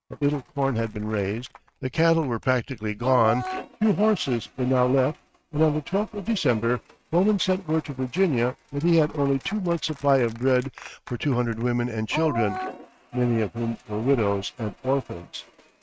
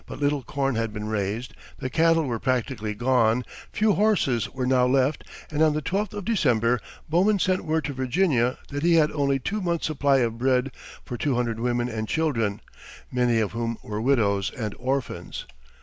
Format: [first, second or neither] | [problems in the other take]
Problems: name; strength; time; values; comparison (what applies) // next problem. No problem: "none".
second | noise reduction (neural mask model RNNoise)